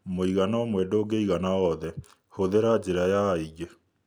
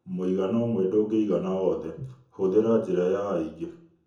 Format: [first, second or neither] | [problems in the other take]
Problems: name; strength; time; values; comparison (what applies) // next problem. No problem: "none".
first | room echo; dies away in 0.6 s